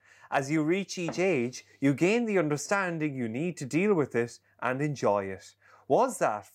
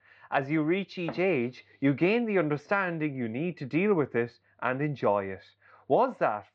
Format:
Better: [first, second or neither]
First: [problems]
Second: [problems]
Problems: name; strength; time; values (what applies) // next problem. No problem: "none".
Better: first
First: none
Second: muffled; slightly; fading above 4 kHz